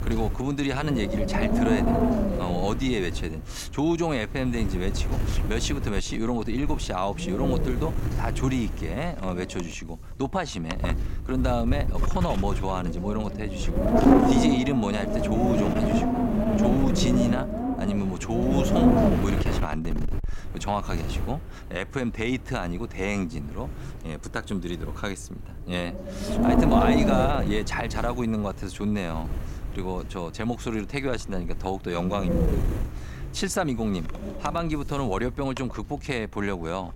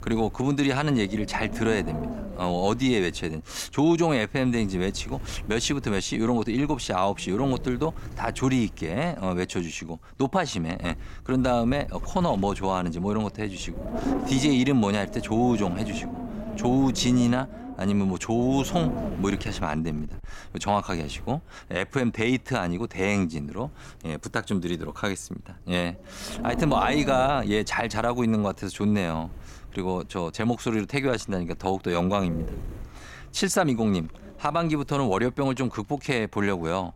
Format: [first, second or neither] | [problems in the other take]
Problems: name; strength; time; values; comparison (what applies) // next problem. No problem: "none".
second | wind noise on the microphone; heavy; 1 dB above the speech; occasional gusts in the second